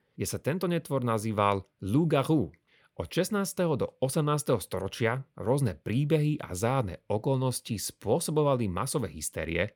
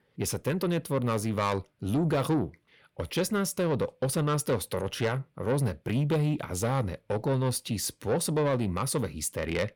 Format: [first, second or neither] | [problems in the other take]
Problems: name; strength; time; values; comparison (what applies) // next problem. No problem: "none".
first | distortion; slight; 10 dB below the speech